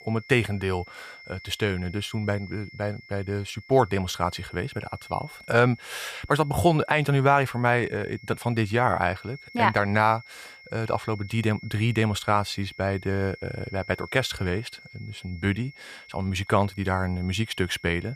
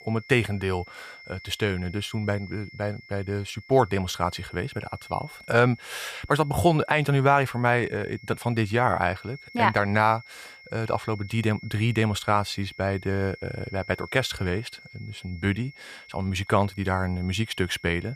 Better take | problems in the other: neither | high-pitched whine; noticeable; throughout; 2 kHz, 20 dB below the speech; the same in both

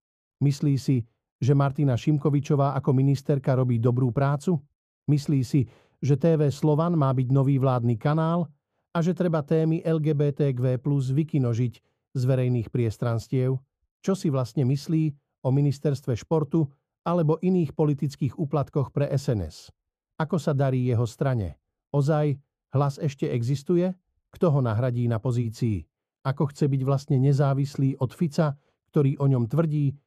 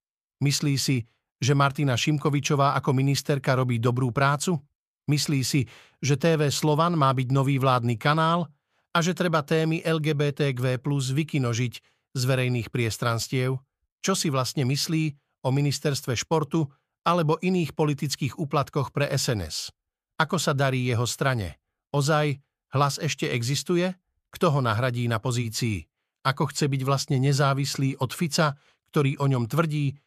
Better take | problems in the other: second | muffled; slightly; fading above 1 kHz

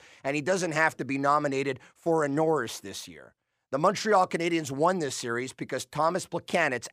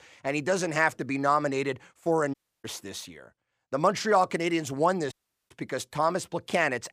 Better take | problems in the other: first | audio cutting out; at 2.5 s and at 5 s

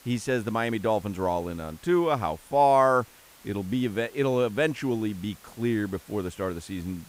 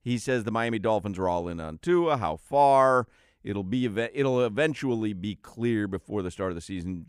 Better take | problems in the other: second | hiss; faint; throughout; 25 dB below the speech

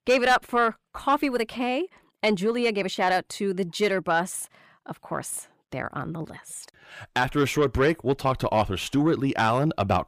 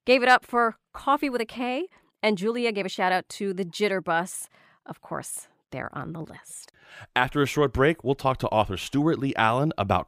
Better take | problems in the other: second | distortion; slight; 10 dB below the speech

